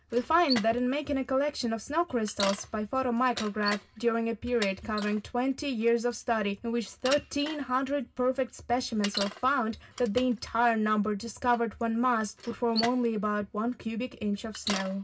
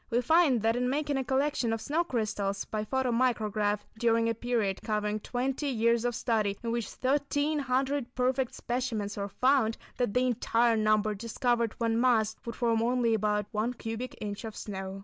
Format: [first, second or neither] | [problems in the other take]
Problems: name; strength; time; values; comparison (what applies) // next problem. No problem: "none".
second | background sound (Bicycle); 13 dB below the speech // room echo; dies away in 0.4 s